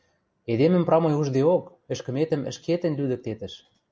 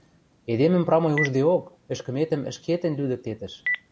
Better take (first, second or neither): first